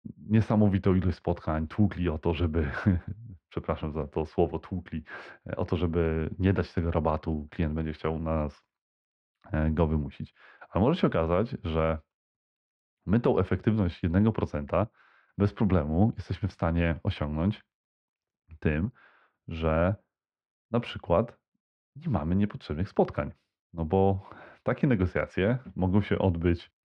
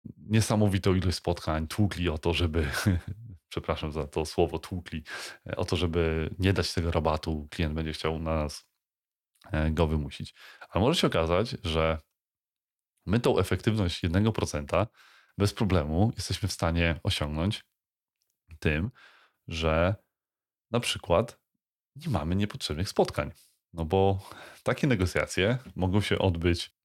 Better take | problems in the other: second | muffled; very; fading above 2 kHz

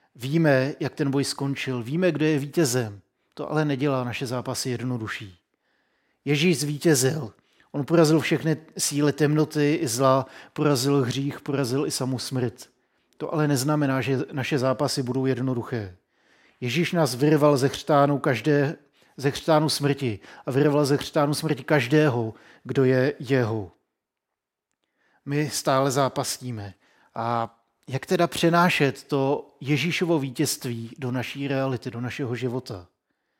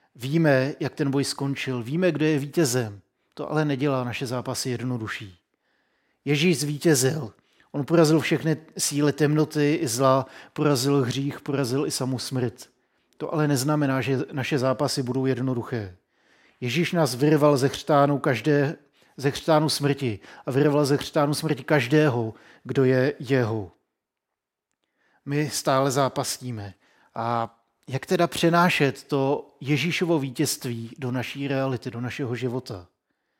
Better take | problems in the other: neither | none

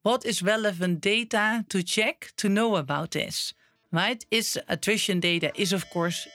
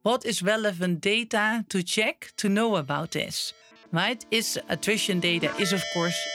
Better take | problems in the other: first | background music; loud; throughout; 8 dB below the speech; faint in the first

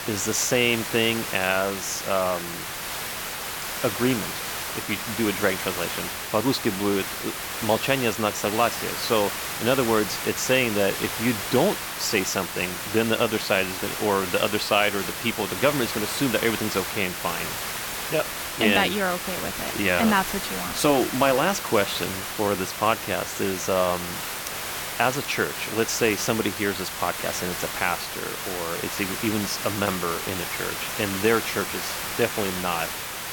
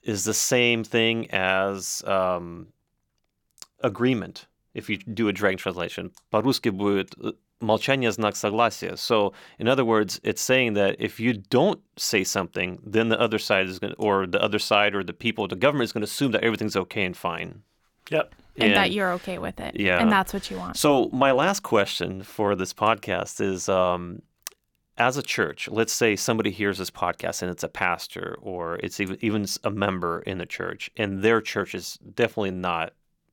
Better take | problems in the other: second | hiss; loud; throughout; 4 dB below the speech

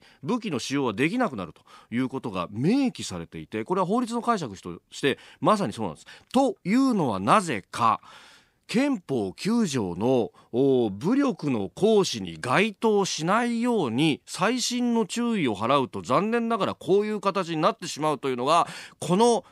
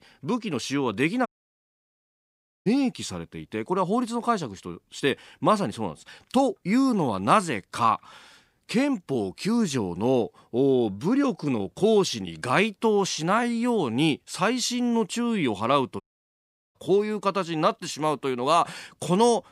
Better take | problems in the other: first | audio cutting out; at 1.5 s for 1.5 s and at 16 s for 1 s

